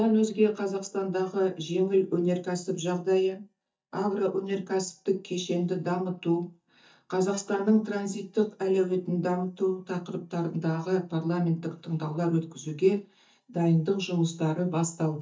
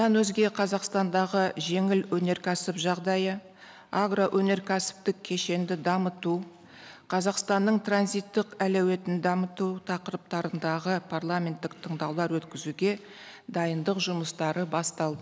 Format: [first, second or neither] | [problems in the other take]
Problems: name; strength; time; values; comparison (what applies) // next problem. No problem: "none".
second | noise reduction (neural mask model DeepFilterNet 3)